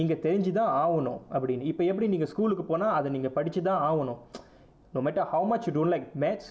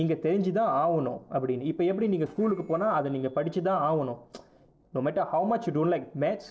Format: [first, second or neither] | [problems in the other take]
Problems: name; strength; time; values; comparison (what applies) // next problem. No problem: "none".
first | noise reduction (neural separator model SepFormer DNS4)